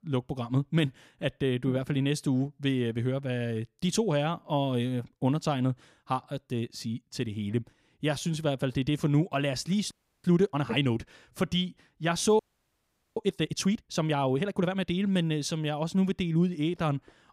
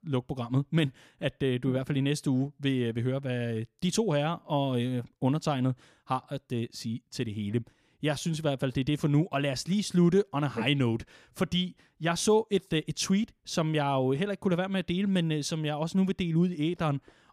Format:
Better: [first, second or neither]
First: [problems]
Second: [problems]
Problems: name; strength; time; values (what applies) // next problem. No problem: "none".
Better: second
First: audio freezing; at 10 s and at 12 s for 1 s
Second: none